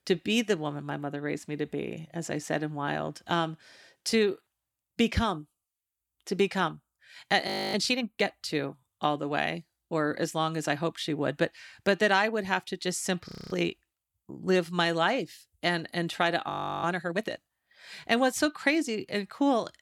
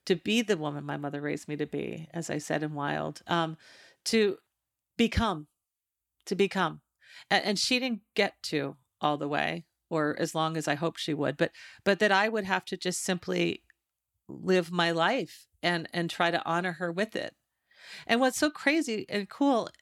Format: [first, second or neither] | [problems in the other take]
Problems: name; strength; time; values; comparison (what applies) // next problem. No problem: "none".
second | audio freezing; at 7.5 s, at 13 s and at 17 s